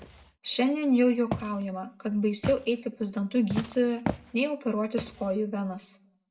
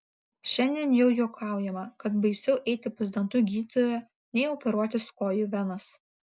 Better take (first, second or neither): second